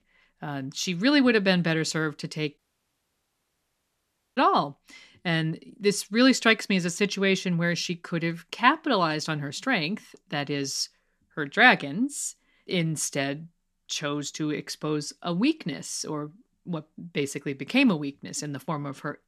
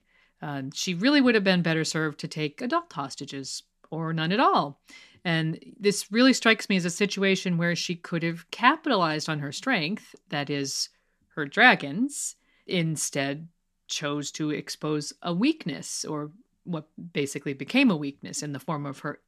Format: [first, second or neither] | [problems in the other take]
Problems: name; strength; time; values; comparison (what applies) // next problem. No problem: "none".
second | audio cutting out; at 2.5 s for 2 s